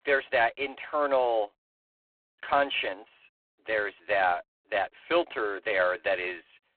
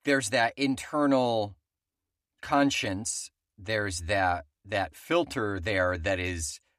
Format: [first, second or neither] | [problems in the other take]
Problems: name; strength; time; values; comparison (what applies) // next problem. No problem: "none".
second | phone-call audio; poor line